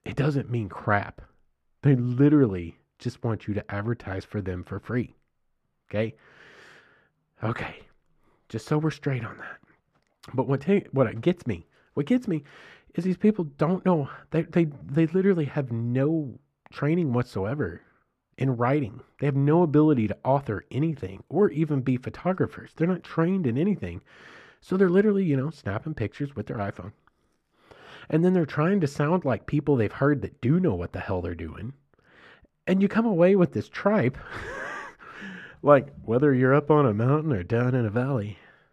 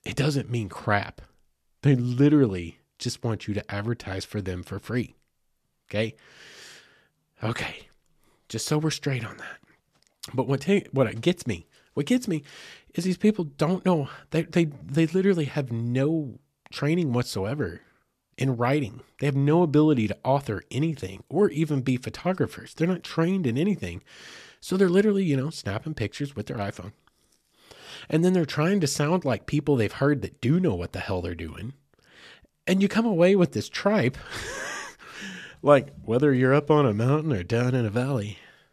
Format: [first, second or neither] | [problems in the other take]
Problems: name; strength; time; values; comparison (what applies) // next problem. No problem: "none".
second | muffled; slightly; fading above 3 kHz